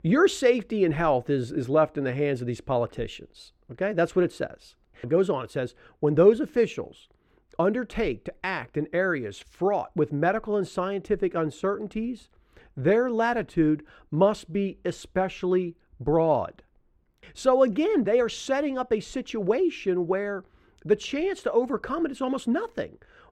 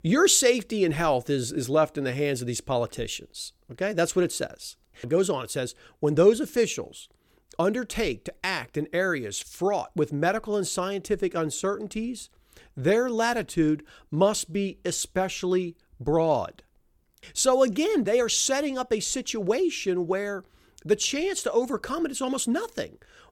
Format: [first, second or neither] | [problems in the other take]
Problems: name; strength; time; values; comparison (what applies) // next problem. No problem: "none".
second | muffled; very; fading above 4 kHz